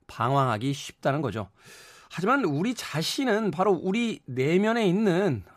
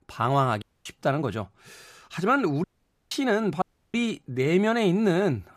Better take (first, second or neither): first